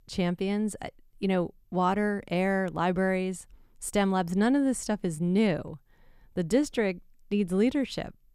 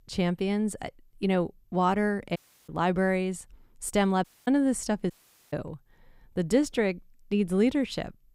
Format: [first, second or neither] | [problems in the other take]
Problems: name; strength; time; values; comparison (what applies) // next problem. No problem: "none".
first | audio cutting out; at 2.5 s, at 4 s and at 5 s